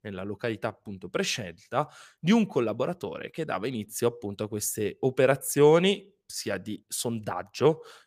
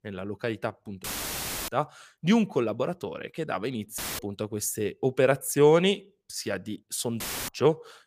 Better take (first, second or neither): first